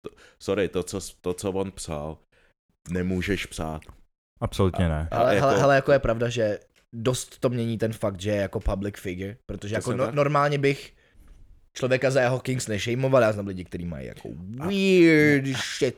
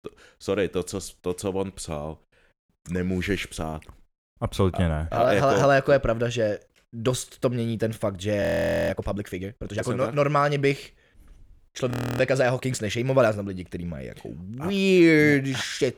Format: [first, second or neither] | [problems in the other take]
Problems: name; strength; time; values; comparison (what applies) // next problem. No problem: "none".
first | audio freezing; at 8.5 s and at 12 s